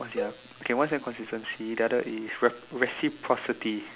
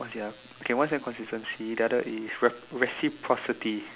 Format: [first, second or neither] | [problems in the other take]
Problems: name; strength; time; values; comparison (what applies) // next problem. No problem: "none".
second | background sound (Cowbell); 11 dB below the speech